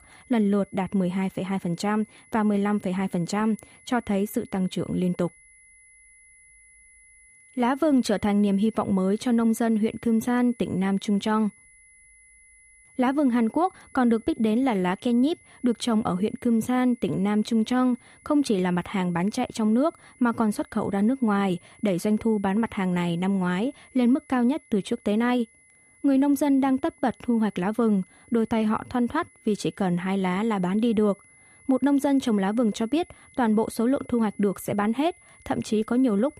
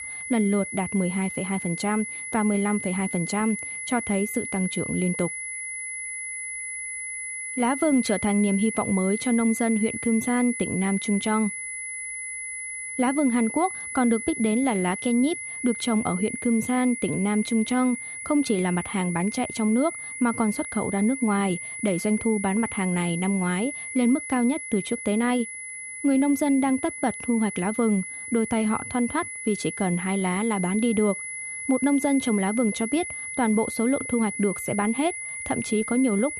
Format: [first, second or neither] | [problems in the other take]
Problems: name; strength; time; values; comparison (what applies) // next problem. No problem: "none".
first | high-pitched whine; loud; throughout; 2 kHz, 7 dB below the speech; faint in the first